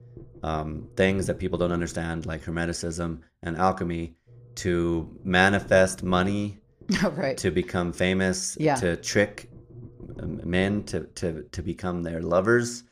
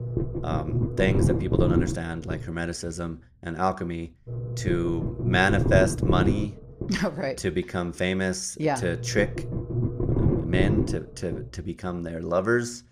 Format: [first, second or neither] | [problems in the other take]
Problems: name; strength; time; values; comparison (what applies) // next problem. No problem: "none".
first | low rumble; loud; throughout; 5 dB below the speech; faint in the first